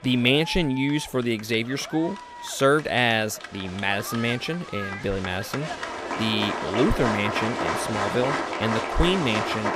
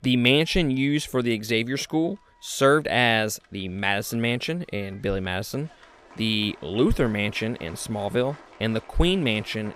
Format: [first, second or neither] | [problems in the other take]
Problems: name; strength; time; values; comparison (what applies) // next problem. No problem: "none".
second | crowd noise; loud; throughout; 5 dB below the speech; faint in the second